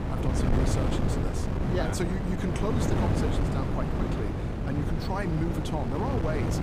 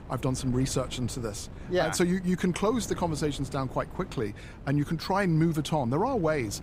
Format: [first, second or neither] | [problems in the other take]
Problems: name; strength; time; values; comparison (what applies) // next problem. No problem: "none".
second | wind noise on the microphone; heavy; 1 dB above the speech; occasional gusts in the second